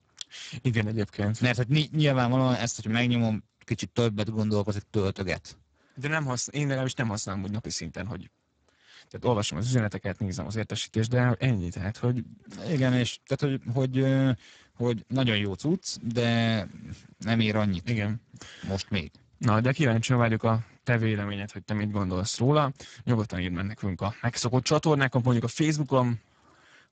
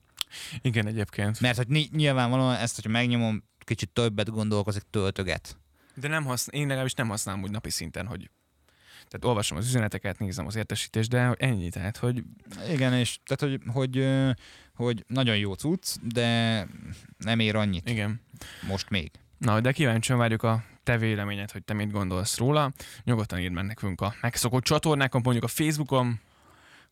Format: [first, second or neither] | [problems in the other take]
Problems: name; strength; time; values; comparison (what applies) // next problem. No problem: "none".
second | garbled, watery; badly; nothing above 7.5 kHz